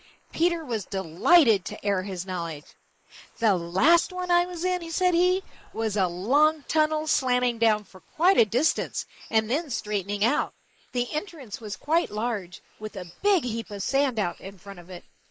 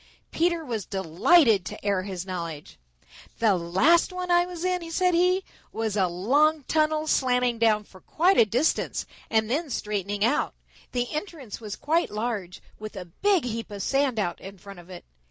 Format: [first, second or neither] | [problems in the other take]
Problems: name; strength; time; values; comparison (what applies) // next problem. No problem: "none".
second | noise reduction (neural mask model Resemble Enhance denoiser)